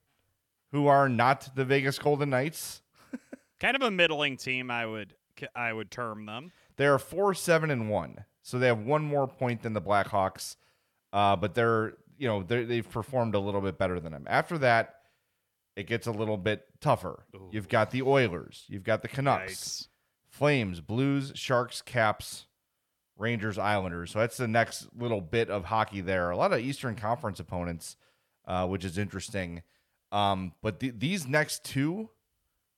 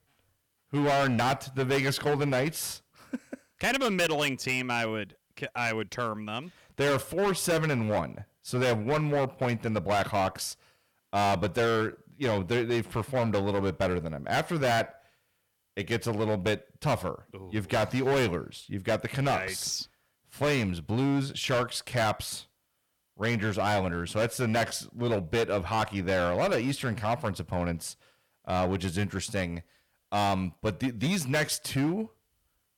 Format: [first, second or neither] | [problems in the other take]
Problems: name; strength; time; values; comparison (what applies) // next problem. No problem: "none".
first | distortion; heavy; 12% of the sound clipped